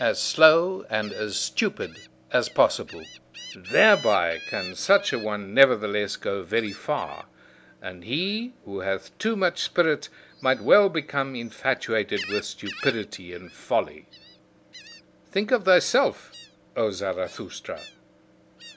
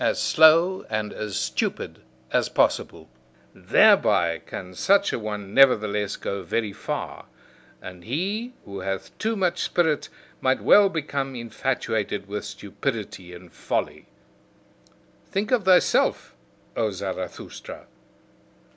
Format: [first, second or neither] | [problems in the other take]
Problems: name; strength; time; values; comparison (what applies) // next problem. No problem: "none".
second | background sound (Gull, seagull); 19 dB below the speech